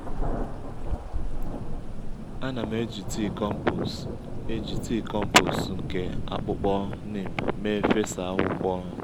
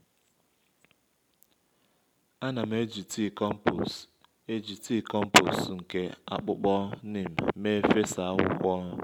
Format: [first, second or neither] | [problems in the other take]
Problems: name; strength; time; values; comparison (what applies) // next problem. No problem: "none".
second | background sound (Thunder); 2 dB below the speech